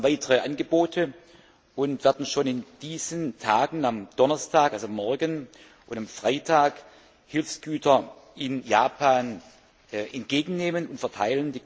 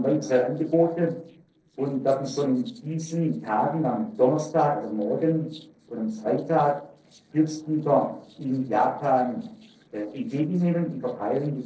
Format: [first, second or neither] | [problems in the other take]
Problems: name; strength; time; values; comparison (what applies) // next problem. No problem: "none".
first | noise reduction (neural separator model SepFormer DNS4)